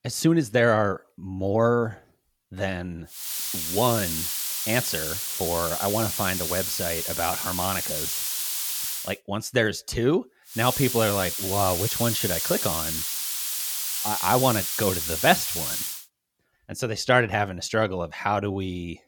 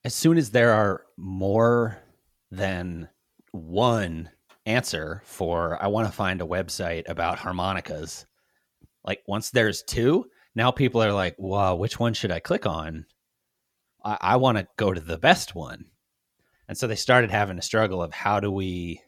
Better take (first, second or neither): second